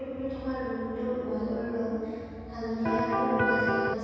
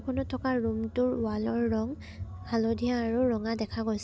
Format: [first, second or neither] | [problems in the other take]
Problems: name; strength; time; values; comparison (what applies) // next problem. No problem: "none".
second | background sound (Electric guitar); 4 dB above the speech // room echo; dies away in 2.2 s